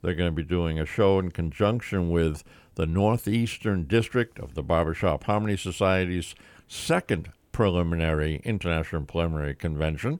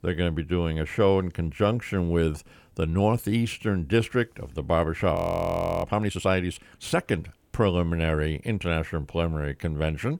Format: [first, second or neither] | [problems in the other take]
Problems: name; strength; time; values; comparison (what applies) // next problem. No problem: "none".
first | audio freezing; at 5 s for 0.5 s